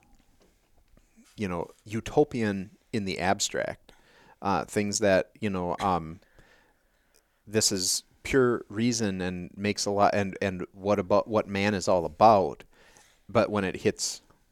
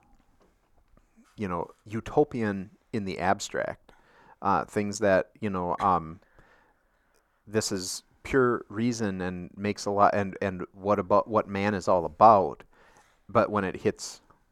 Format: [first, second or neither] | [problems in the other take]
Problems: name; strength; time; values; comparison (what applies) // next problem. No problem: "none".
first | muffled; slightly; fading above 2 kHz